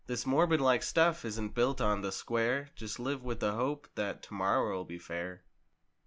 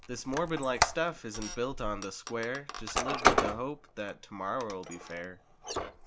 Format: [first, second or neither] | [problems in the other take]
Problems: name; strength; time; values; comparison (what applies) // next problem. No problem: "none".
first | background sound (Squeak); 1 dB above the speech